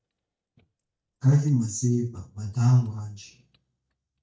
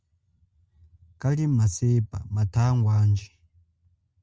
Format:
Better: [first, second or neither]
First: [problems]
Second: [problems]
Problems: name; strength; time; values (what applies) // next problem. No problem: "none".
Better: second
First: noise reduction (neural mask model DeepFilterNet 3)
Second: none